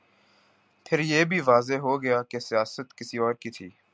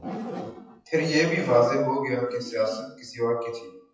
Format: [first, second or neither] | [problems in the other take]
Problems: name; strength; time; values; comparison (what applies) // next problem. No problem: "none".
first | noise reduction (classical method WPE with log-MMSE)